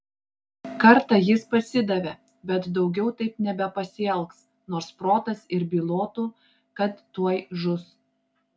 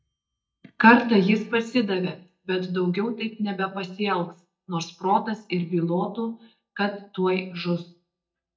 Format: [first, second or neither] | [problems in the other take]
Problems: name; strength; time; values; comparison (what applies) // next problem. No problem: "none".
first | noise reduction (neural mask model DeepFilterNet 3)